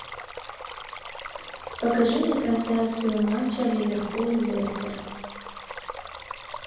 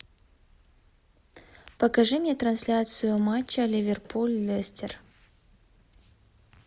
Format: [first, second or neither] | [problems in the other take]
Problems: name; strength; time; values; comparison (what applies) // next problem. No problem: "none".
second | background sound (Stream); 11 dB below the speech // room echo; dies away in 1.1 s